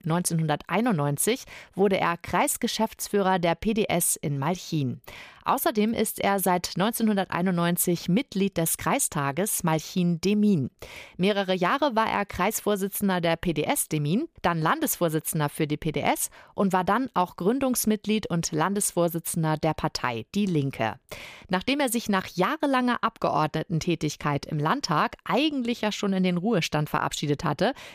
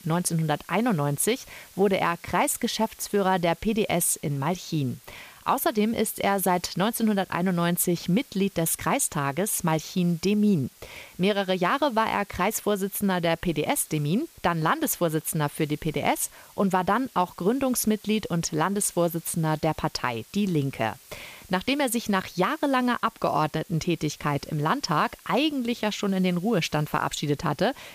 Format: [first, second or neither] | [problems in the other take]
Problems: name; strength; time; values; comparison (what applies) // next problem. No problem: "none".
first | hiss; faint; throughout; 25 dB below the speech